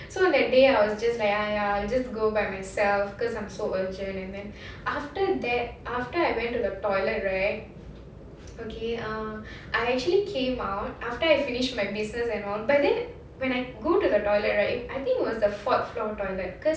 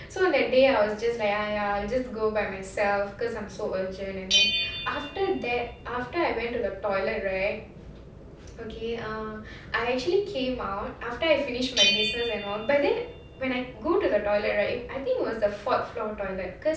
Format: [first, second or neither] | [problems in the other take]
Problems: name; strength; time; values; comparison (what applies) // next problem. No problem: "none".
first | background sound (Bell); 8 dB below the speech